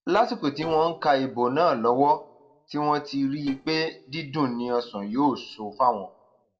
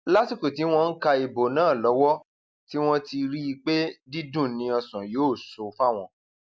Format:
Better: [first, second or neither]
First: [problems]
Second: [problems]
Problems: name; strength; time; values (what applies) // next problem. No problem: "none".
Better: second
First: noise reduction (neural separator model SepFormer DNS4)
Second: none